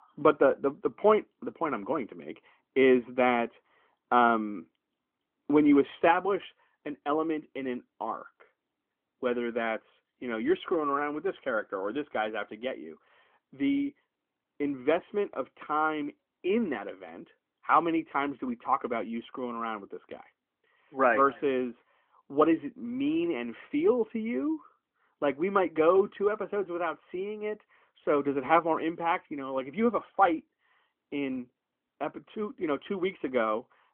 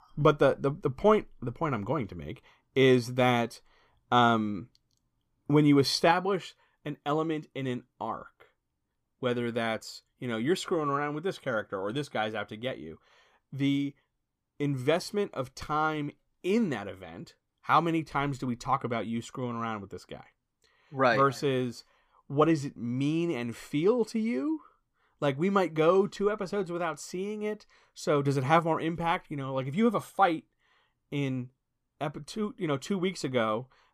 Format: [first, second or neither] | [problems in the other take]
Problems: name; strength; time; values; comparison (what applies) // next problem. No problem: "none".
second | phone-call audio; nothing above 3.5 kHz